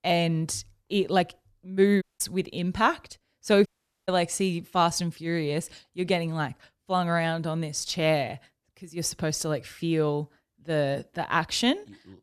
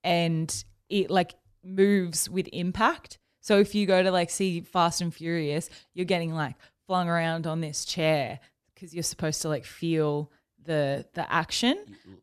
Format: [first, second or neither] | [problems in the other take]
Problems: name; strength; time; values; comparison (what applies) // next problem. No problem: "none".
second | audio cutting out; at 2 s and at 3.5 s